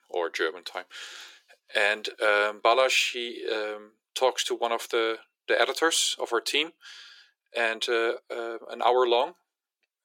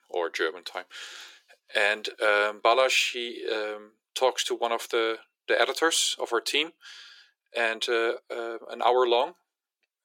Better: neither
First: thin; very; fading below 350 Hz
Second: thin; very; fading below 350 Hz

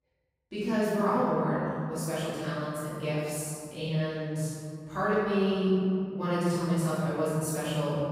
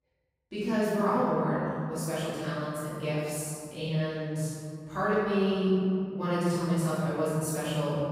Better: neither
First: off-mic speech; far // room echo; strong; dies away in 2.6 s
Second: off-mic speech; far // room echo; strong; dies away in 2.6 s

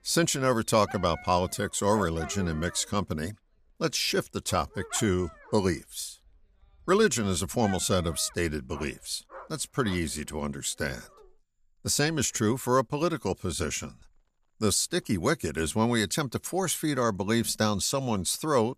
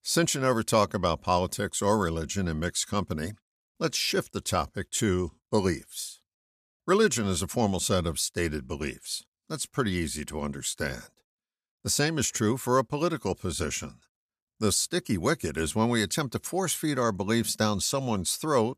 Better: second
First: animal sounds; noticeable; throughout; 20 dB below the speech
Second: none

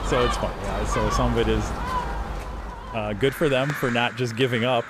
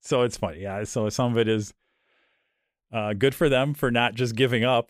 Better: second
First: animal sounds; loud; throughout; 5 dB below the speech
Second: none

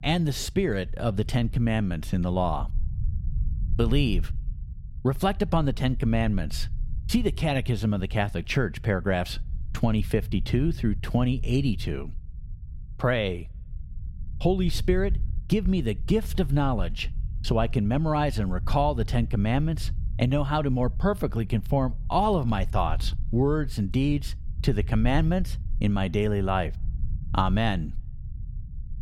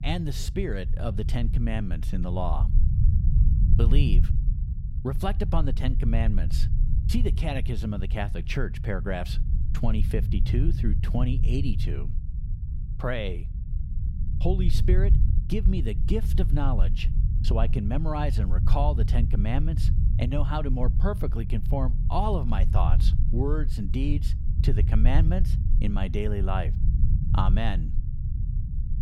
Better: first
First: low rumble; faint; throughout; 25 dB below the speech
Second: low rumble; loud; throughout; 9 dB below the speech

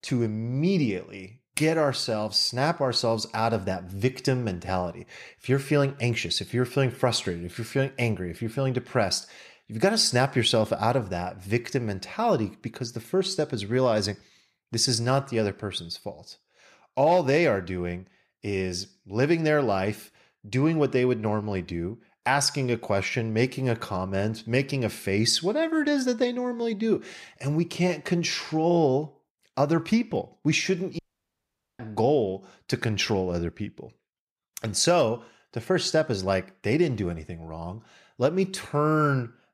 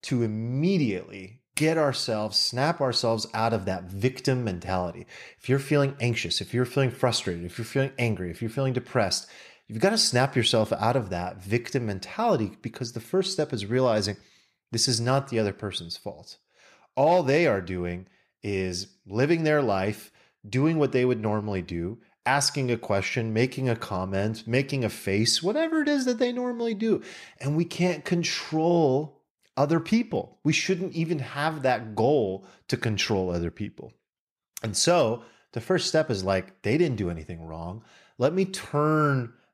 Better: second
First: audio cutting out; at 31 s for 1 s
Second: none

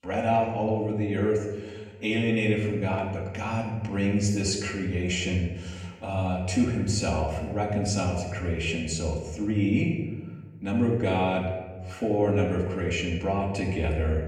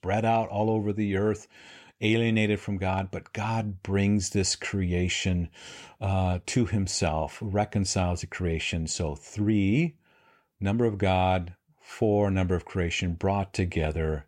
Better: second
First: off-mic speech; far // room echo; noticeable; dies away in 1.1 s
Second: none

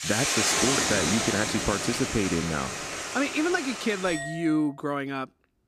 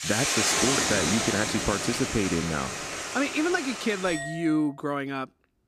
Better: neither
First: household noises; very loud; until 4.5 s; as loud as the speech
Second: household noises; very loud; until 4.5 s; as loud as the speech

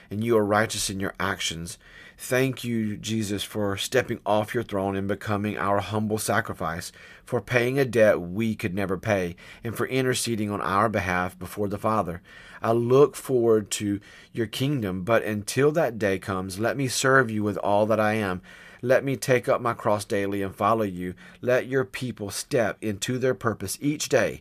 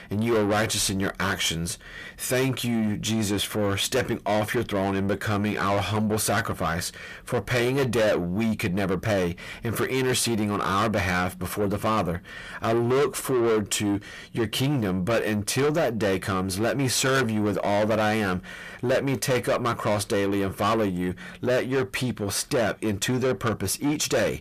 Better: first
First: none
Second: distortion; heavy; 6 dB below the speech

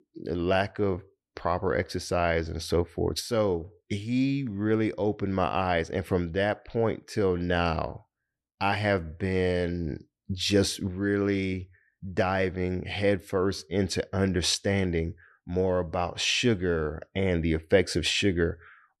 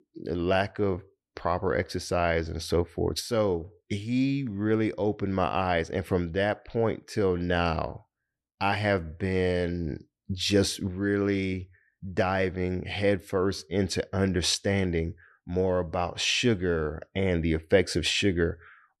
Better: neither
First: none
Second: none

